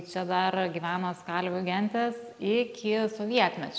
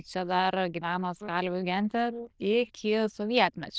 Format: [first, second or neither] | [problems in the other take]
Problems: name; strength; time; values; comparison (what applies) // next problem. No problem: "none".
first | noise reduction (neural diffusion model UNIVERSE++)